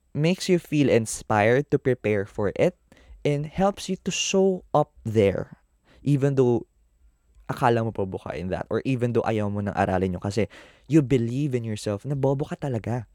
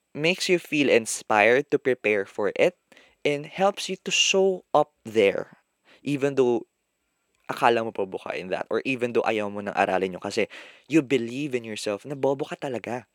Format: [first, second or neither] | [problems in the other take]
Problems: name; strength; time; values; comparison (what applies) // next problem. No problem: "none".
first | thin; somewhat; fading below 300 Hz